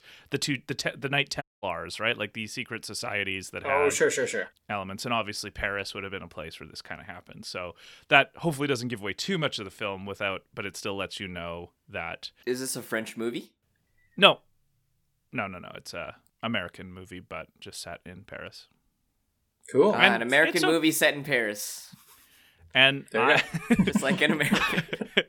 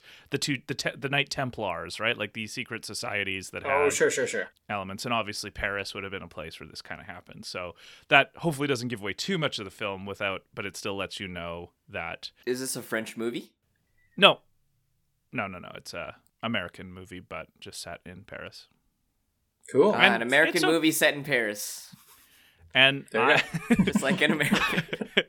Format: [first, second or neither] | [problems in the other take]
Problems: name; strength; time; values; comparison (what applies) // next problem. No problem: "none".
second | audio cutting out; at 1.5 s